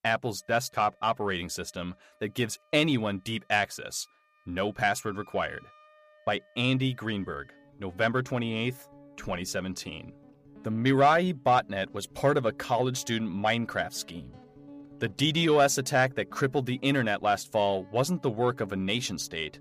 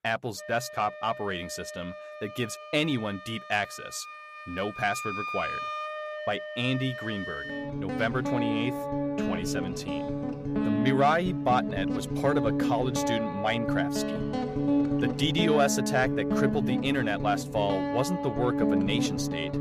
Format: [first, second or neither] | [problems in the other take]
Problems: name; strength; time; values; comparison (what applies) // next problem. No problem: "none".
first | background music; loud; throughout; 1 dB below the speech; faint in the first